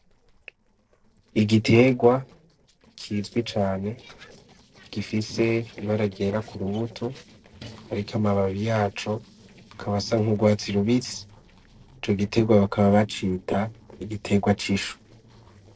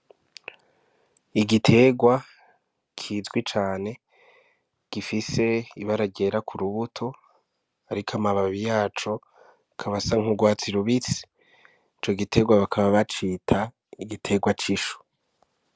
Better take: second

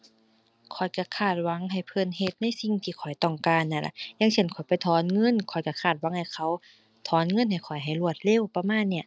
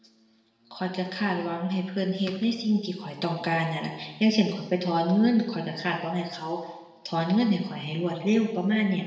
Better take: first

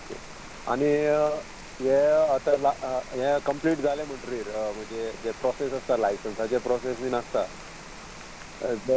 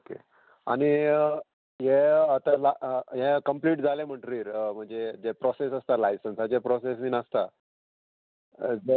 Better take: second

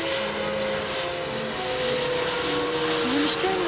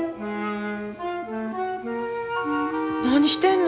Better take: second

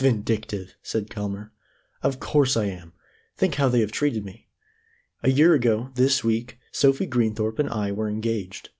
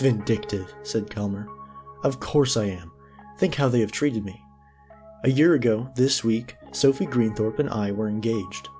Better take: first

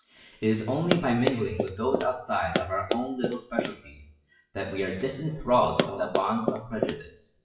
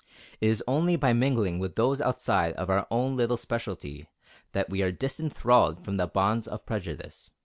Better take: second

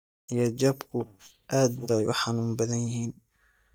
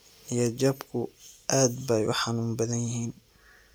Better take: second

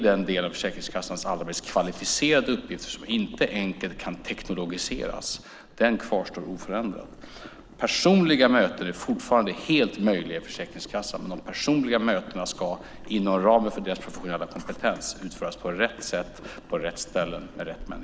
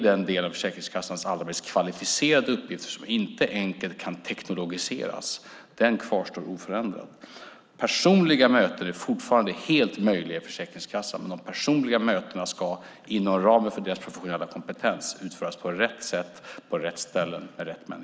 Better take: second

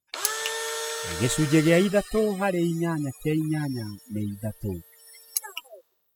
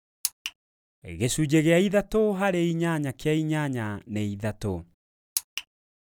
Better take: second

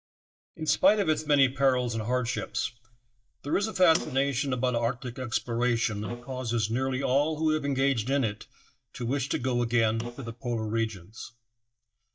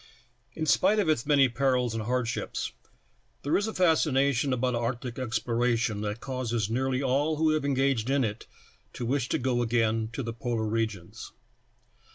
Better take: second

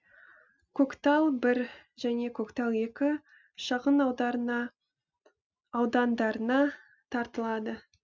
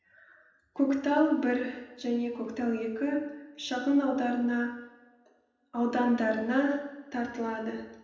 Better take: first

